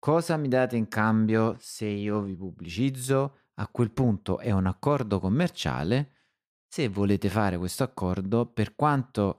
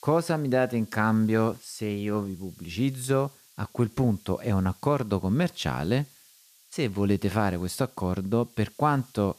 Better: first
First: none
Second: hiss; faint; throughout; 25 dB below the speech

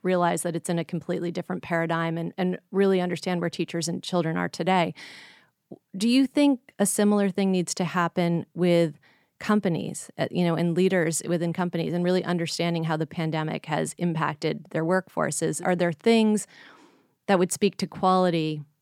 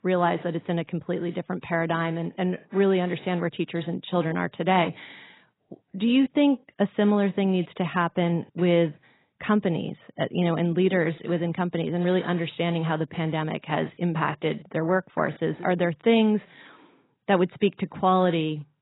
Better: first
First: none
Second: garbled, watery; badly; nothing above 4 kHz

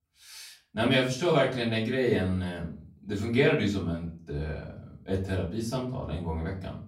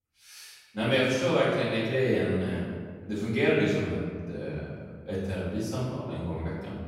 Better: first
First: room echo; slight; dies away in 0.4 s // off-mic speech; far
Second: room echo; strong; dies away in 1.6 s // off-mic speech; far

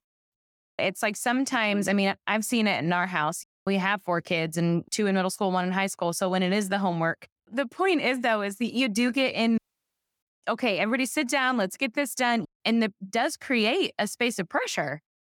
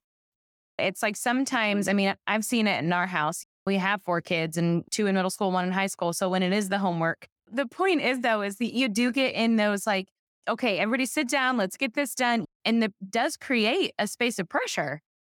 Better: second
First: audio cutting out; at 9.5 s for 0.5 s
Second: none

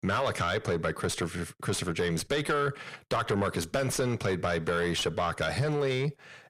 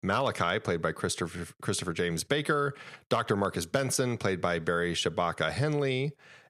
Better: second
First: distortion; heavy; 7 dB below the speech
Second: none

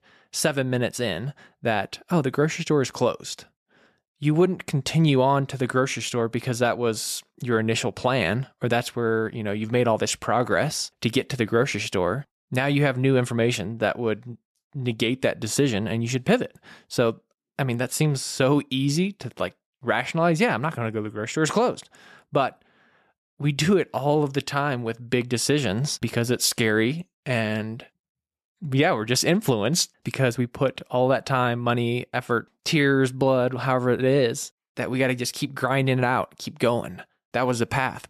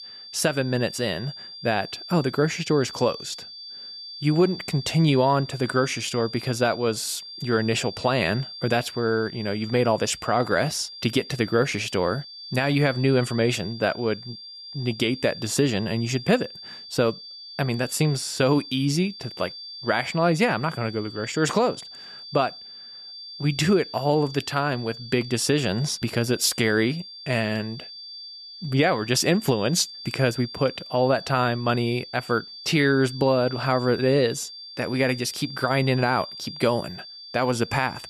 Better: first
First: none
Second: high-pitched whine; noticeable; throughout; 4.5 kHz, 15 dB below the speech

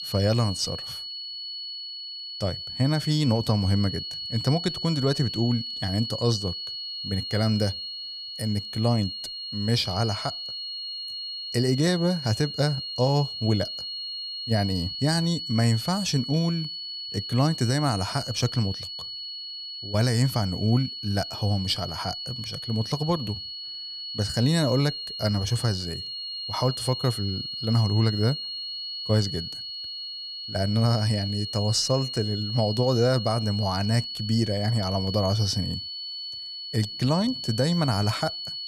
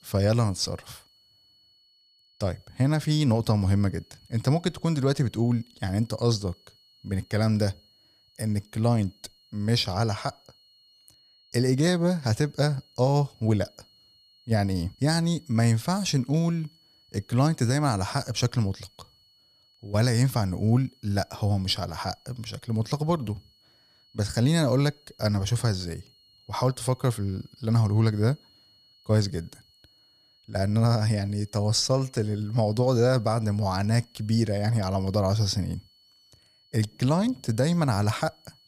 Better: second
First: high-pitched whine; loud; throughout; 4.5 kHz, 6 dB below the speech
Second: high-pitched whine; faint; throughout; 4.5 kHz, 30 dB below the speech

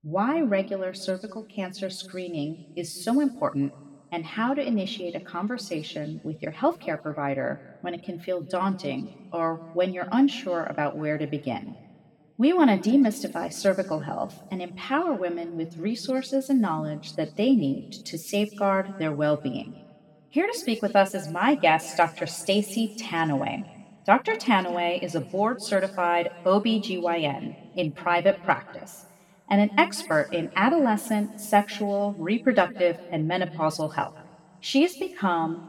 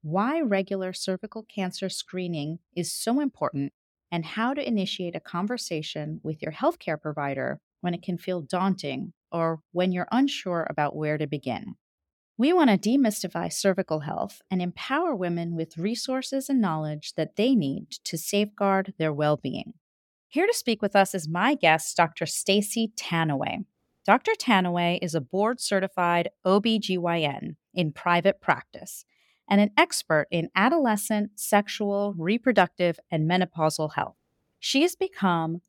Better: second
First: room echo; slight; dies away in 1.3 s // off-mic speech; somewhat distant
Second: none

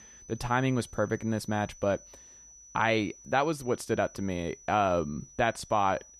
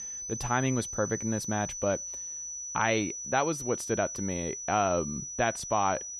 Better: first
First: high-pitched whine; faint; throughout; 6 kHz, 20 dB below the speech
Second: high-pitched whine; loud; throughout; 6 kHz, 5 dB below the speech

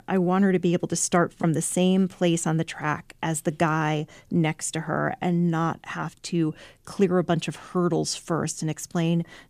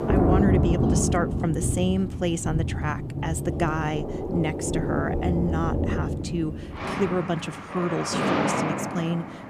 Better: first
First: none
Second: rain or running water; very loud; throughout; 1 dB above the speech

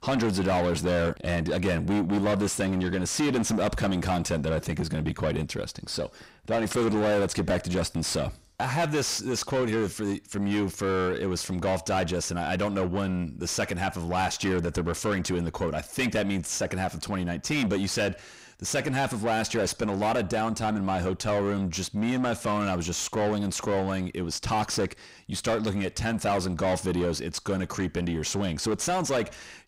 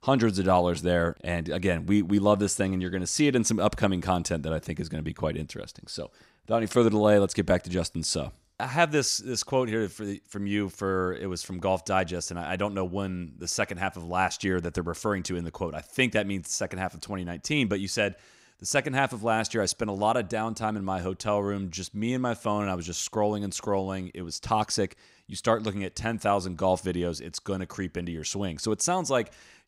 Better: second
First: distortion; heavy; 5 dB below the speech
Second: none

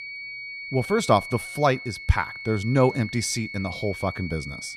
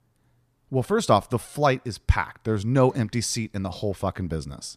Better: second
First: high-pitched whine; loud; throughout; 2 kHz, 10 dB below the speech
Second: none

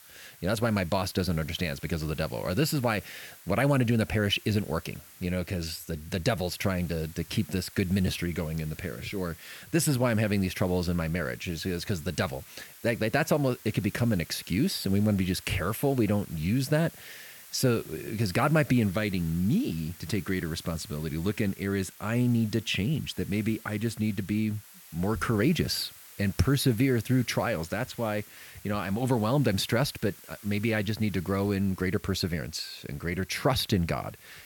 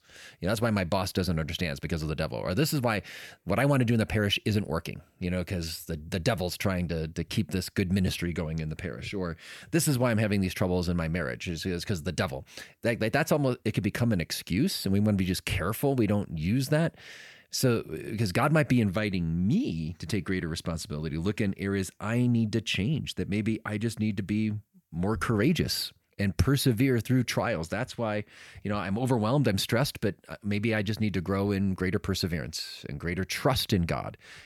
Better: second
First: hiss; noticeable; throughout; 20 dB below the speech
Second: none

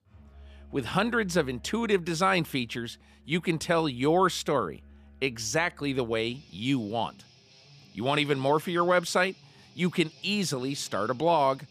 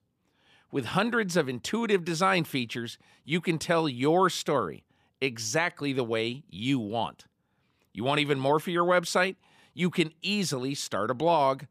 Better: second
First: background music; faint; throughout; 25 dB below the speech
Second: none

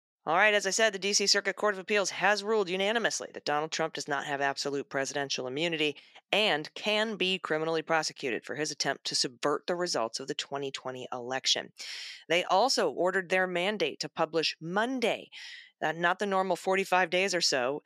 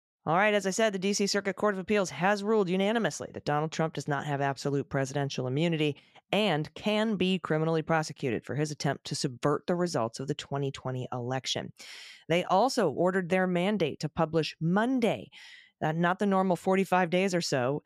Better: second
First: thin; somewhat; fading below 300 Hz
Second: none

